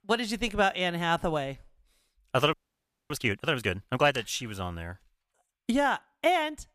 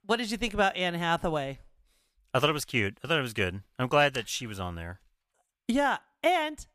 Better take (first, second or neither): second